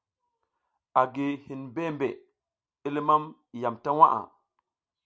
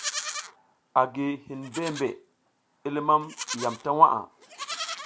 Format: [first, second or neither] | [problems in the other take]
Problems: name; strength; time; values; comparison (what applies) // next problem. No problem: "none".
first | background sound (Livestock, farm animals, working animals); 11 dB below the speech